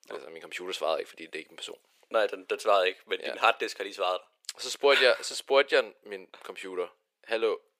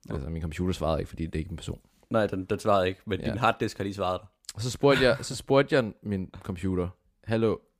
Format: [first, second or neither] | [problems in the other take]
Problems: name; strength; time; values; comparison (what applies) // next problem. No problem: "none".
second | thin; very; fading below 450 Hz